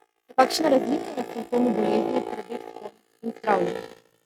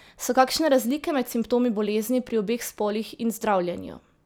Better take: second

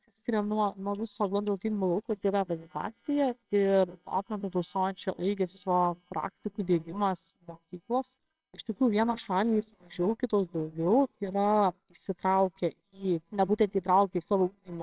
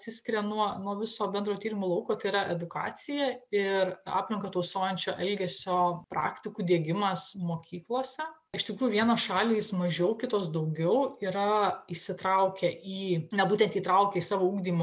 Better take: second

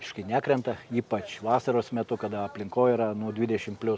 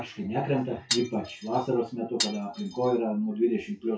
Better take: first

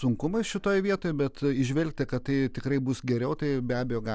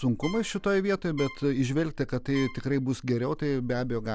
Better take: first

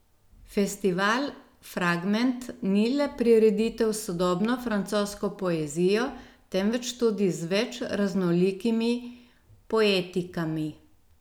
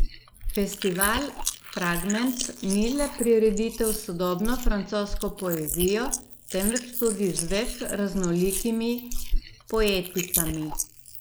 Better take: first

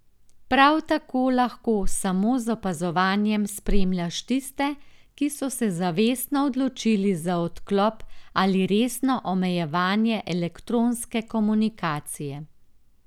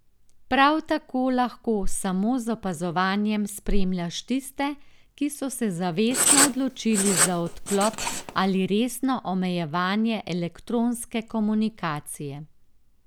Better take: first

